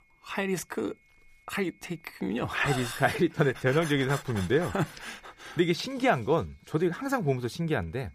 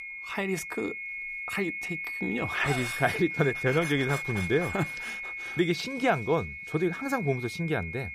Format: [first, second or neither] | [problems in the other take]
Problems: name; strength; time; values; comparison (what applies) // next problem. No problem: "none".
first | high-pitched whine; loud; throughout; 2 kHz, 5 dB below the speech; faint in the first